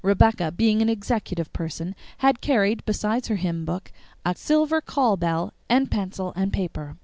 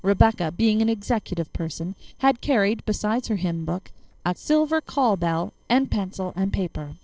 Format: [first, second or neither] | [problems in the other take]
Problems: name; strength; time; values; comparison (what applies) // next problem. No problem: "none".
first | noise reduction (neural separator model SepFormer DNS4)